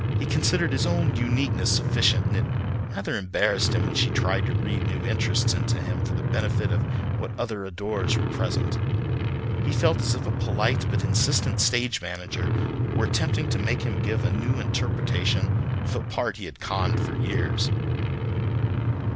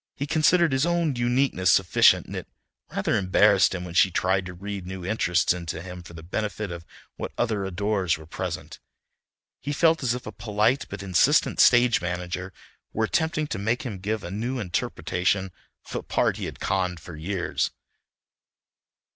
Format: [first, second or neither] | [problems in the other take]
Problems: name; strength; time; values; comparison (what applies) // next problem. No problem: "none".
second | background sound (Truck); 5 dB above the speech